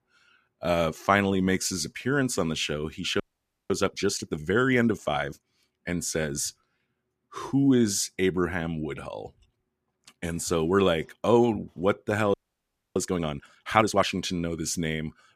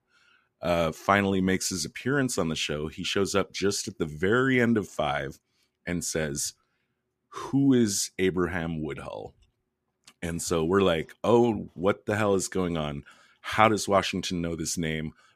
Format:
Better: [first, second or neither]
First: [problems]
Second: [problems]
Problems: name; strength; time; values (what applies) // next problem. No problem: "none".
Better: second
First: audio freezing; at 3 s for 0.5 s and at 12 s for 0.5 s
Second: none